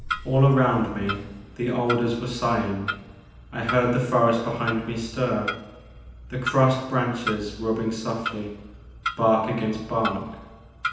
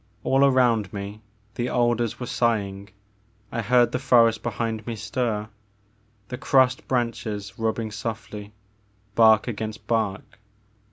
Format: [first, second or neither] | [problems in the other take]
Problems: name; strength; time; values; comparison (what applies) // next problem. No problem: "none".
second | background sound (Clock); 11 dB below the speech // room echo; dies away in 0.9 s